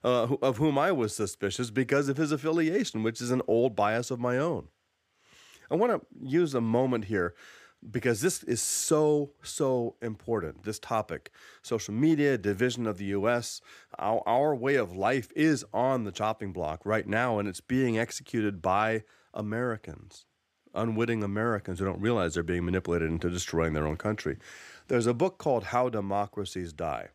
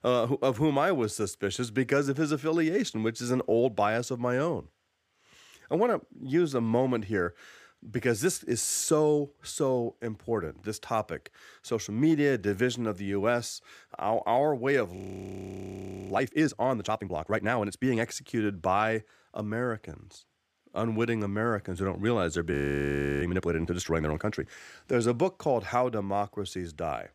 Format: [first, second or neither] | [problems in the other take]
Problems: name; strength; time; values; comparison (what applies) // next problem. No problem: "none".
first | audio freezing; at 15 s for 1 s and at 23 s for 0.5 s